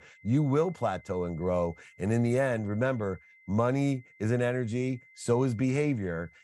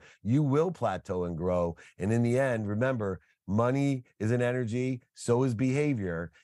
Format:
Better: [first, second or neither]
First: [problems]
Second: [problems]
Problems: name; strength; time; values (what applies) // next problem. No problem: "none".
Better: second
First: high-pitched whine; faint; throughout; 2 kHz, 25 dB below the speech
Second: none